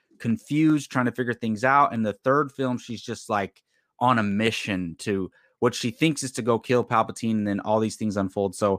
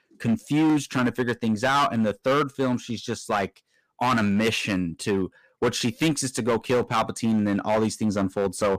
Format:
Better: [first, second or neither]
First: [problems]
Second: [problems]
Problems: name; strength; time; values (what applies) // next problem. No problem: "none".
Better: first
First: none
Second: distortion; heavy; 10% of the sound clipped